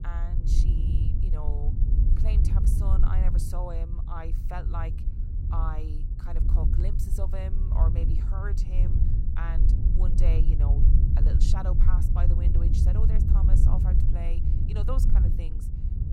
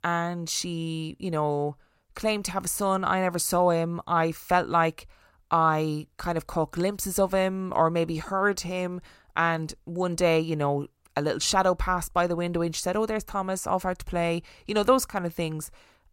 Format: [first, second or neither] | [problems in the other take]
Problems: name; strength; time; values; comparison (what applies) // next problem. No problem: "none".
second | low rumble; loud; throughout; 1 dB below the speech